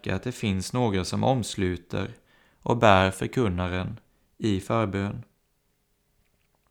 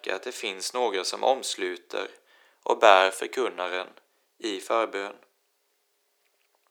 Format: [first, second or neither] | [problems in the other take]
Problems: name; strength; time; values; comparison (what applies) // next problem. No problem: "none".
first | thin; very; fading below 350 Hz